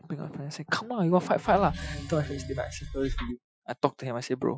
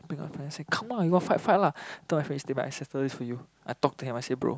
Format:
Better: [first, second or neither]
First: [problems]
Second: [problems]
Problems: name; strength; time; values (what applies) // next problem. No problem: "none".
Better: second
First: noise reduction (classical method Wiener filter)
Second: none